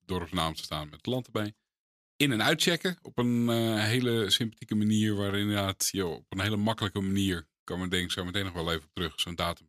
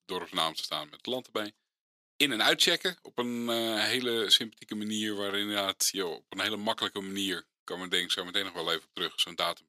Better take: first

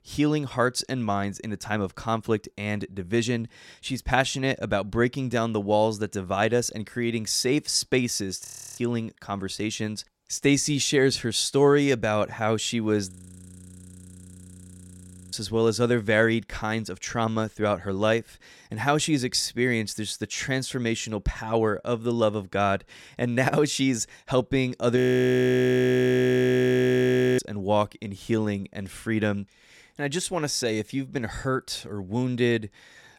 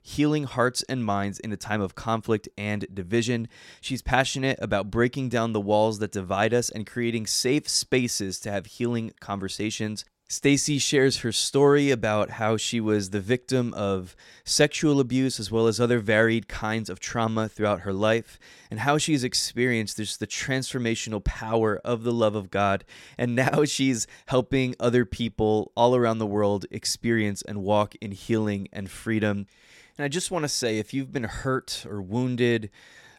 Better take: second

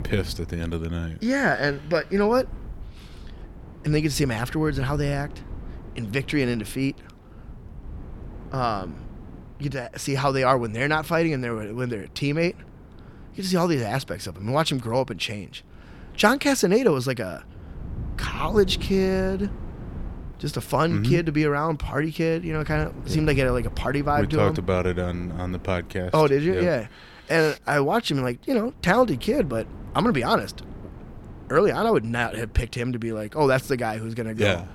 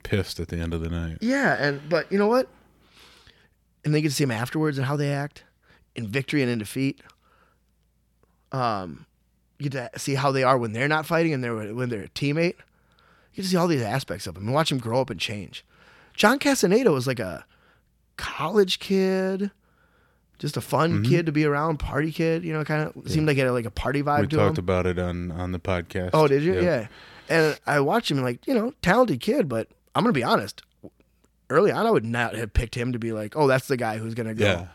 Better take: second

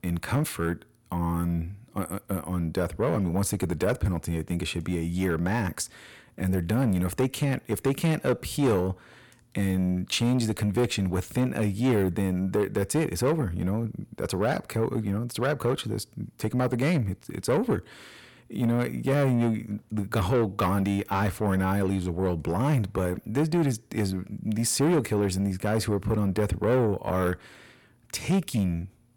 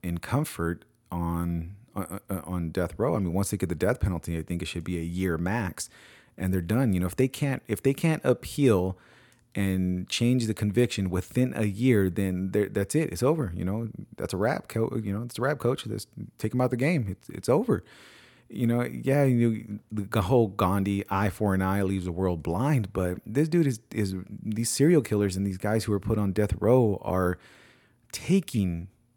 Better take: second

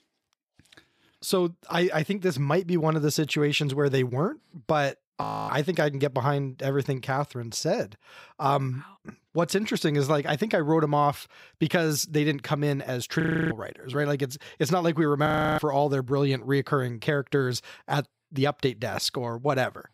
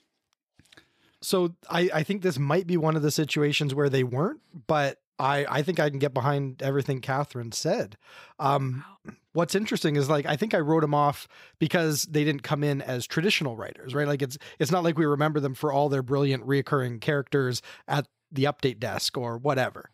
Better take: second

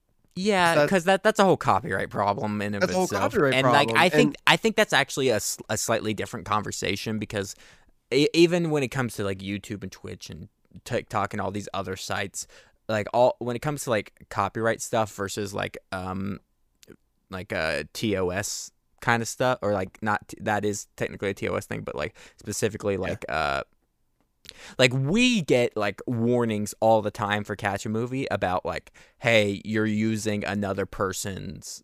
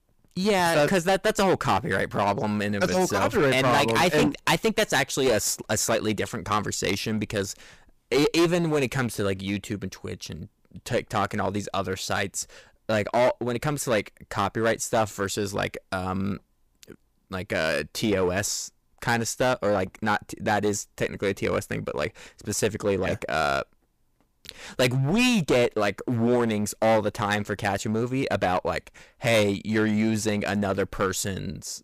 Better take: first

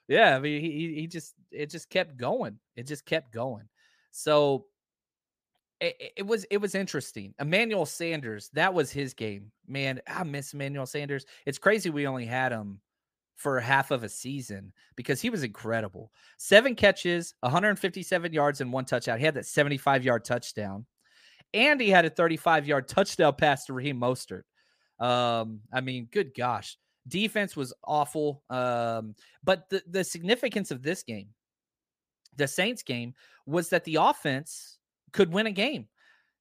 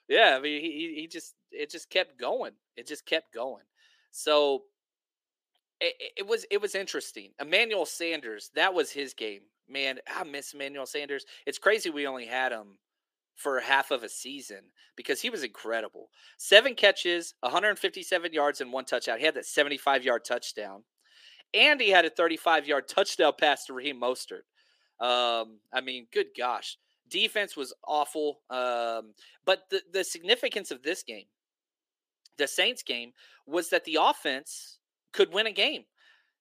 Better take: first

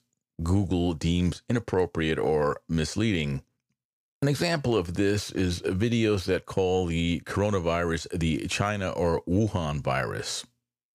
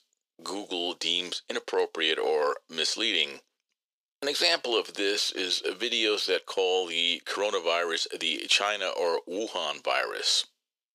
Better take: first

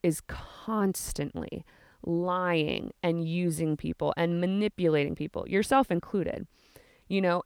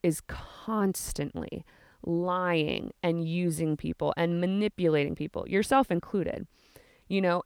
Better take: neither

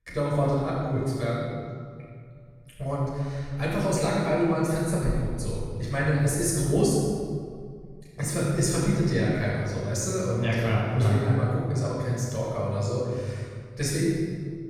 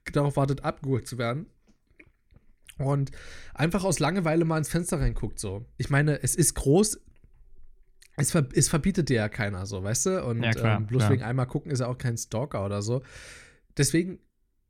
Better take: second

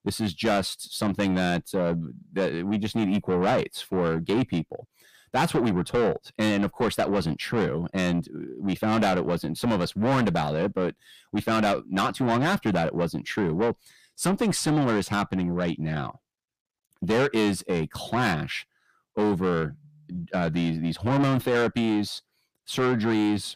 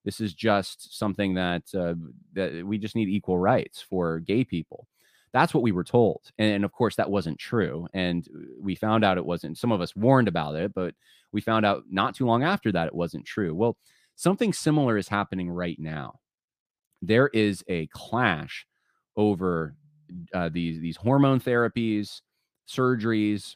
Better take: second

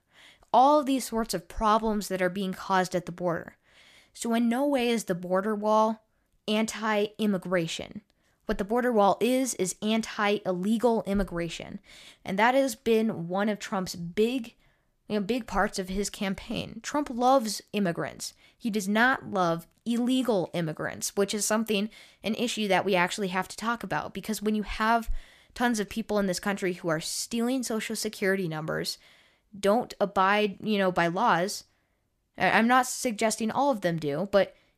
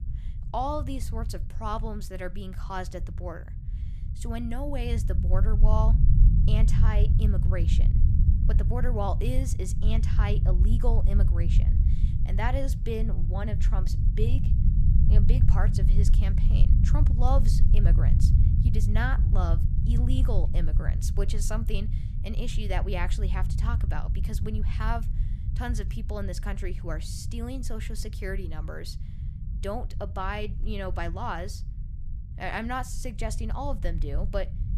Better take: first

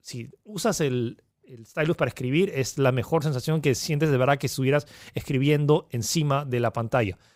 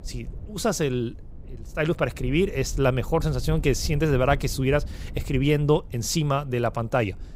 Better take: first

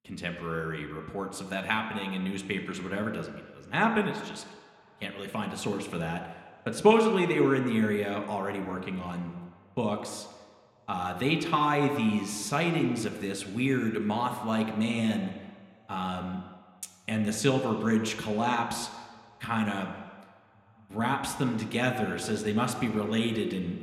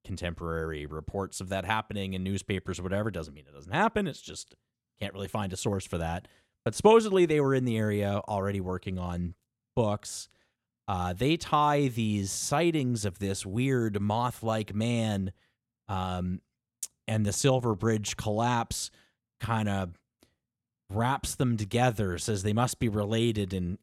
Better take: second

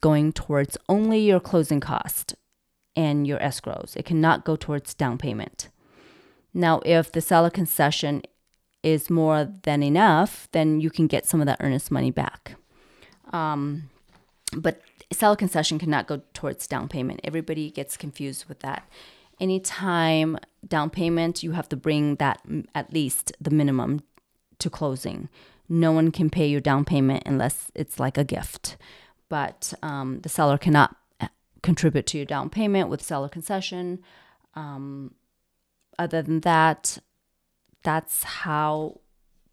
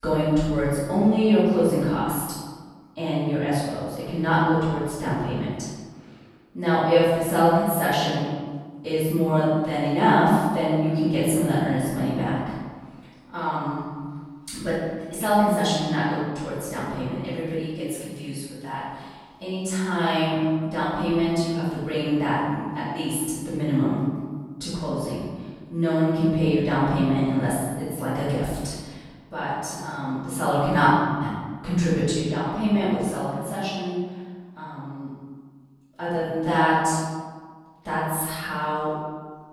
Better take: first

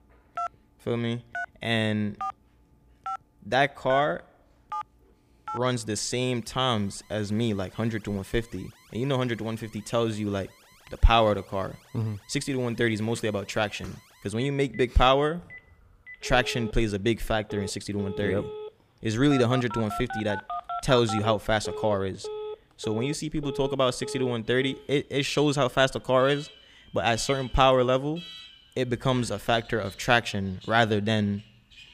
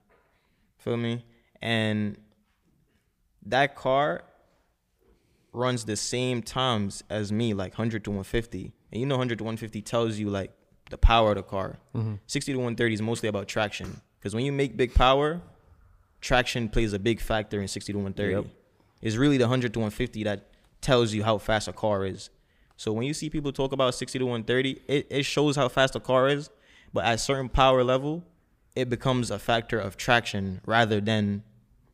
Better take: second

